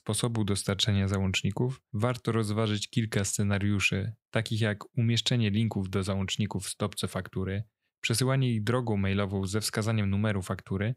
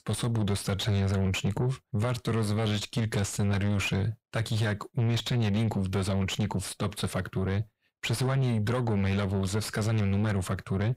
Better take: first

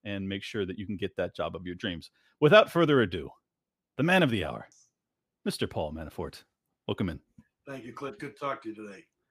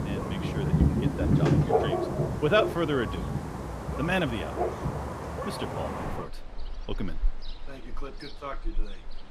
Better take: first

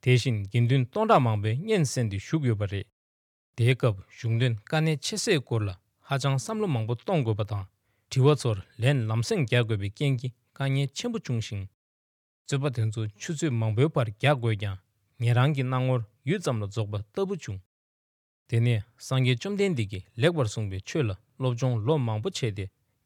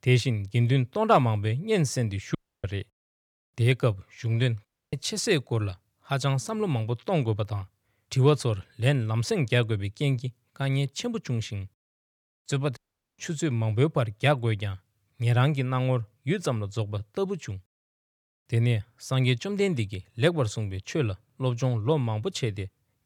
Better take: first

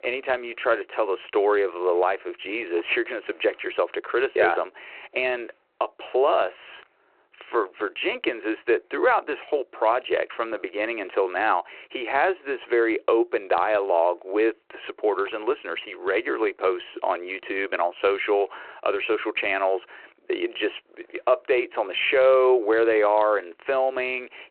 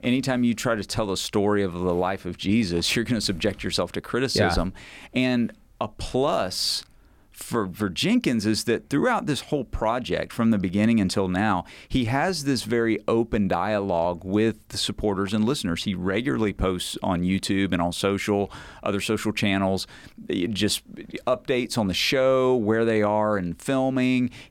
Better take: second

